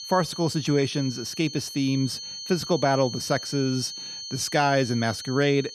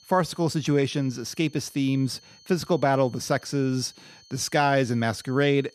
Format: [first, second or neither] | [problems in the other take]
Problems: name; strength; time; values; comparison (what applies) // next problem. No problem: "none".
second | high-pitched whine; loud; throughout; 4.5 kHz, 9 dB below the speech; faint in the second